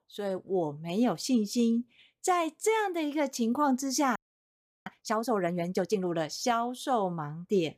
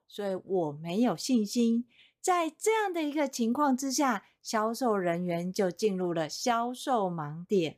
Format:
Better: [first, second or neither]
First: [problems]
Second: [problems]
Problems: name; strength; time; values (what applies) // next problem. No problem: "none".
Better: second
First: audio freezing; at 4 s for 0.5 s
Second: none